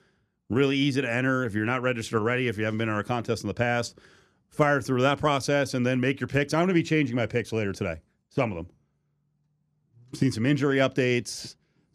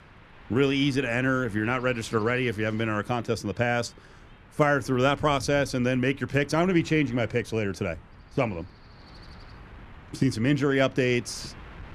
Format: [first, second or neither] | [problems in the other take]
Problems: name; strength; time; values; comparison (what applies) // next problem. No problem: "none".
first | wind noise on the microphone; occasional gusts; 25 dB below the speech